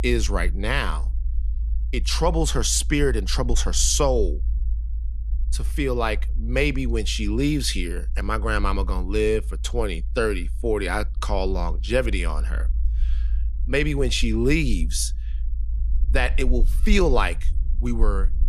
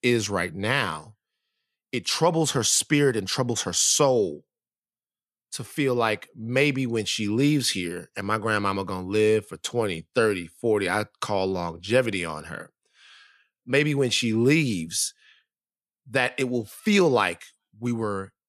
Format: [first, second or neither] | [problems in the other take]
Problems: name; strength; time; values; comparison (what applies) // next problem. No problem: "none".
second | low rumble; faint; throughout; 25 dB below the speech